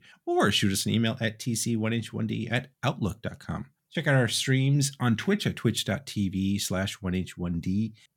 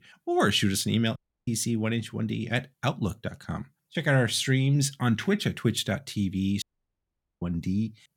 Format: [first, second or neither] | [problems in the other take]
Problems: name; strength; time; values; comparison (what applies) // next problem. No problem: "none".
first | audio cutting out; at 1 s and at 6.5 s for 1 s